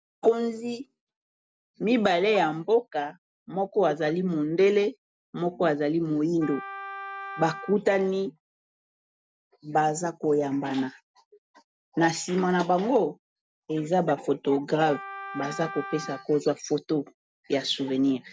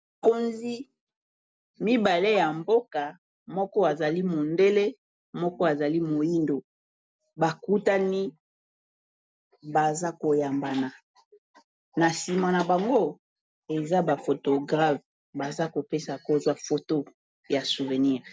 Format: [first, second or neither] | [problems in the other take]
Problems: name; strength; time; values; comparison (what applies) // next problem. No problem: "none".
second | background sound (Wind instrument, woodwind instrument); 13 dB below the speech